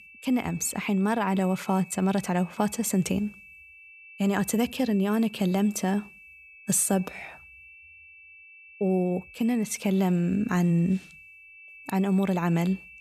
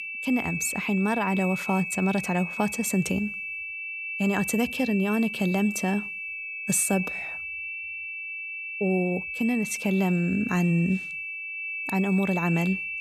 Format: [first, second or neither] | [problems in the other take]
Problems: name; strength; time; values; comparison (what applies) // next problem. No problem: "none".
first | high-pitched whine; loud; throughout; 2.5 kHz, 5 dB below the speech; faint in the first